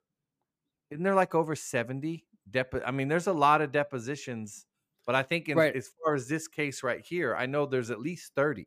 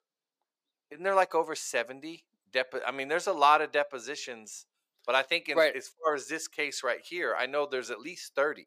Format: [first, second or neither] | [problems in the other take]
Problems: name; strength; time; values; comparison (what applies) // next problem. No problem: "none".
first | thin; somewhat; fading below 550 Hz